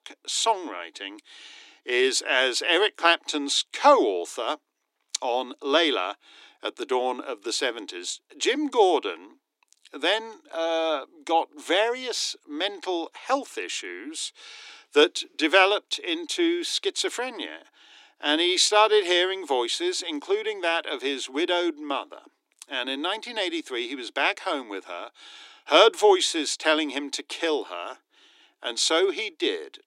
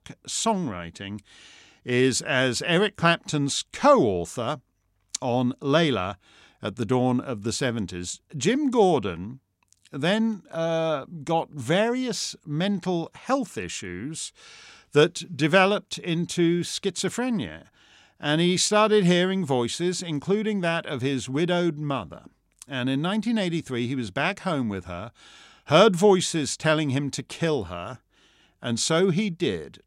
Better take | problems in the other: second | thin; somewhat; fading below 300 Hz

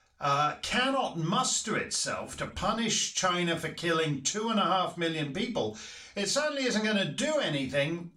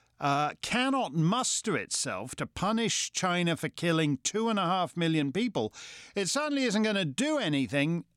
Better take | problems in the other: second | room echo; very slight; dies away in 0.3 s // off-mic speech; far

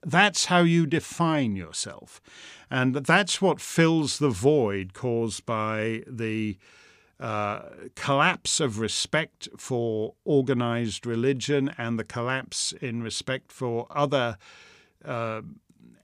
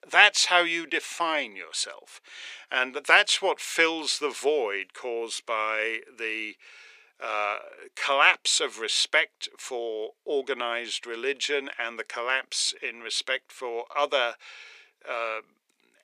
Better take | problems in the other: first | thin; very; fading below 450 Hz

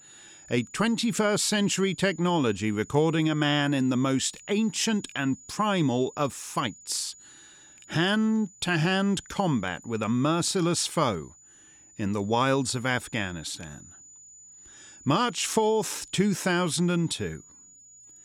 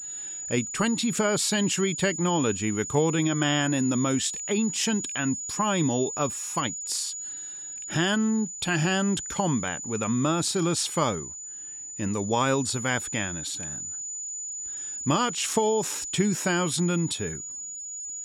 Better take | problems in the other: first | high-pitched whine; loud; throughout; 7 kHz, 6 dB below the speech; faint in the first

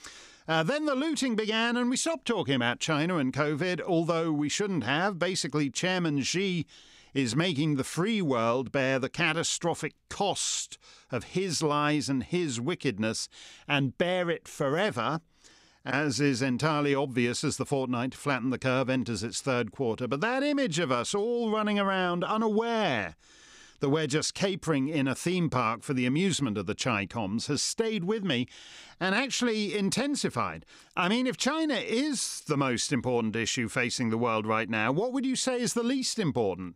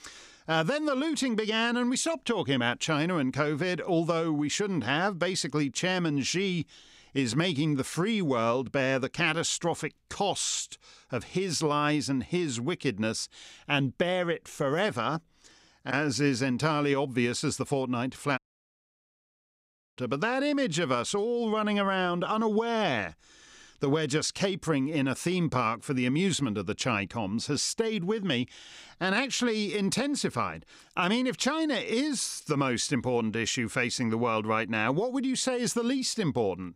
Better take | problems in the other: first | audio cutting out; at 18 s for 1.5 s

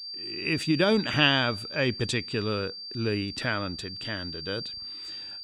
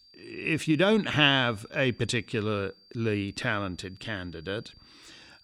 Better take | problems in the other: second | high-pitched whine; loud; throughout; 4.5 kHz, 8 dB below the speech; faint in the second

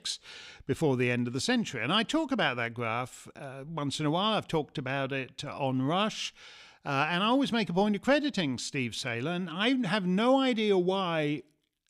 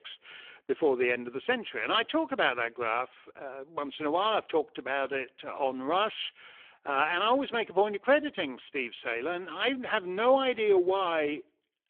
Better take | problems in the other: first | phone-call audio; poor line; nothing above 3.5 kHz

